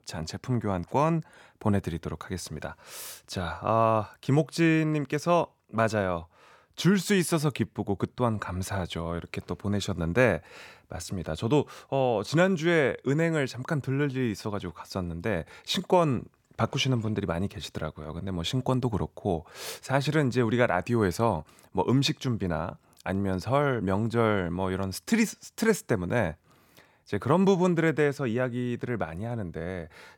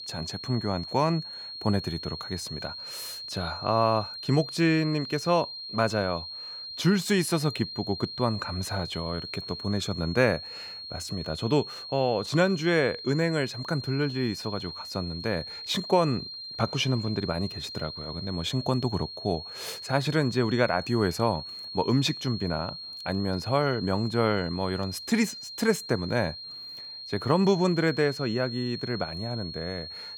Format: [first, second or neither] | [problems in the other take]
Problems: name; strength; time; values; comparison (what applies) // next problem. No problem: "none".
first | high-pitched whine; loud; throughout; 4 kHz, 9 dB below the speech